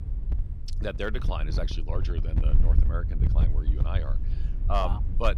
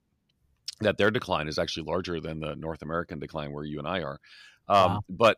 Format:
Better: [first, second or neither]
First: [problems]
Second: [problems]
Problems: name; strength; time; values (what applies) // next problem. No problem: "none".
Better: second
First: wind noise on the microphone; occasional gusts; 10 dB below the speech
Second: none